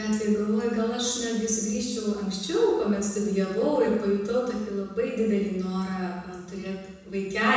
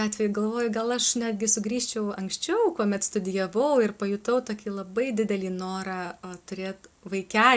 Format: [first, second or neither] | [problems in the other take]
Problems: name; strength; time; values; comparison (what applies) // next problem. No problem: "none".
second | room echo; dies away in 1.1 s